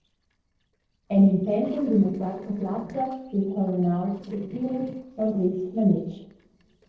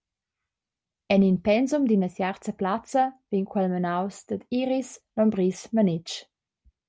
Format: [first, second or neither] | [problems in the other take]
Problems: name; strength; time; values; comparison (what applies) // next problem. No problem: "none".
second | noise reduction (neural separator model SepFormer DNS4)